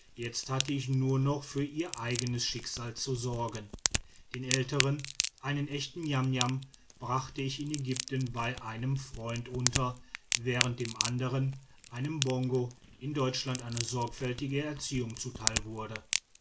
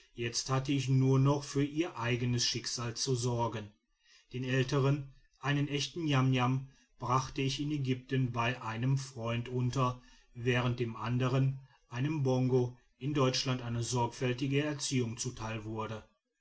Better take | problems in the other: second | background sound (Crack); 5 dB below the speech

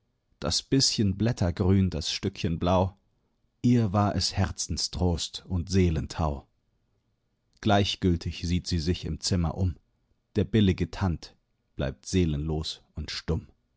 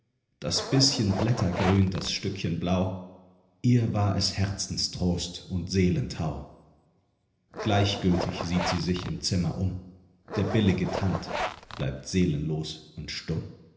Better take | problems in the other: first | background sound (Zipper (clothing)); 8 dB below the speech // room echo; dies away in 0.8 s

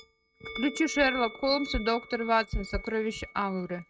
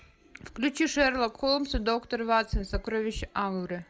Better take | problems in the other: second | noise reduction (neural mask model RNNoise)

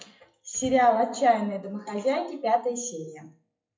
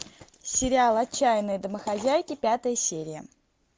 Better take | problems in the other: second | noise reduction (classical method WPE with log-MMSE)

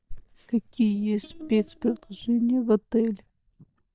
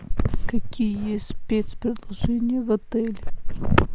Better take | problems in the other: second | noise reduction (neural mask model DeepFilterNet 3)

